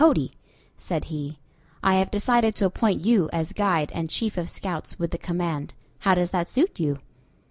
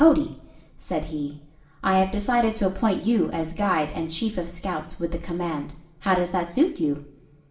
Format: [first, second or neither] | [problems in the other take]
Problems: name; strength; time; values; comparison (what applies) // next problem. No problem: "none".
first | room echo; dies away in 0.7 s